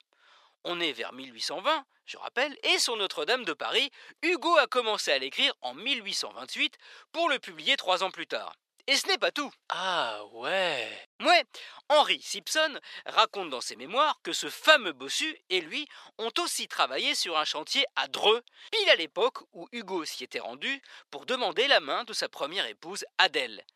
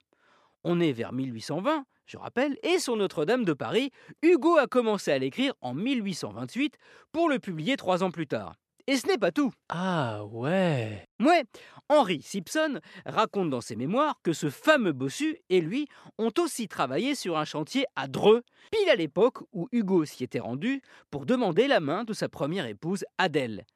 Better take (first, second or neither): second